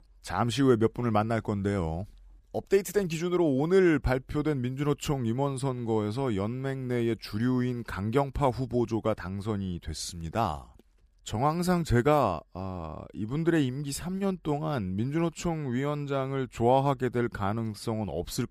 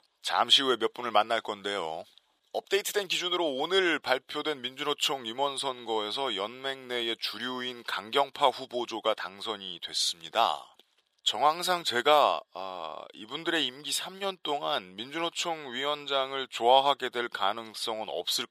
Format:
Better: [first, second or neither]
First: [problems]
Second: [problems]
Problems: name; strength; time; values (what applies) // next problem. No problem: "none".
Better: first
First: none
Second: thin; very; fading below 700 Hz